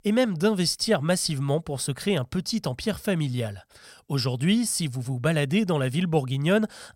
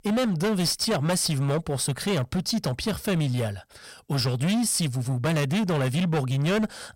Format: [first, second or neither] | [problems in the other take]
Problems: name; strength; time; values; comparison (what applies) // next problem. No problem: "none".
first | distortion; heavy; 23% of the sound clipped